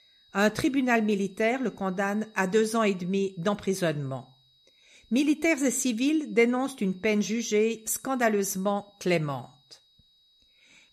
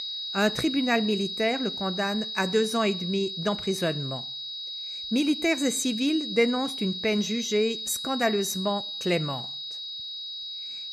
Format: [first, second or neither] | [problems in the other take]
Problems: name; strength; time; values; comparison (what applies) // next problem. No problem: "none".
first | high-pitched whine; loud; throughout; 4 kHz, 5 dB below the speech; faint in the first